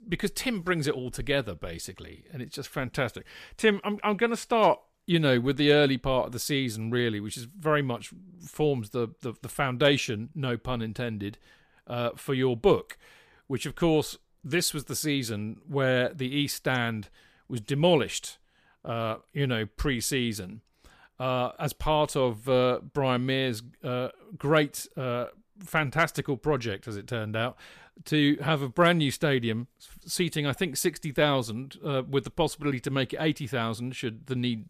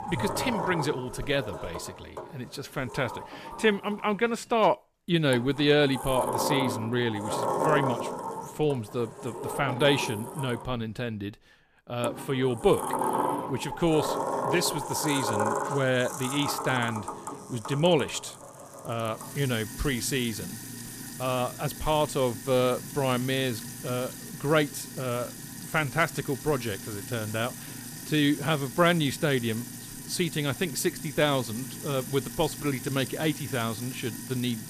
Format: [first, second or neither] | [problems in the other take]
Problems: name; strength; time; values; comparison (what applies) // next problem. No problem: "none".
first | household noises; loud; throughout; 7 dB below the speech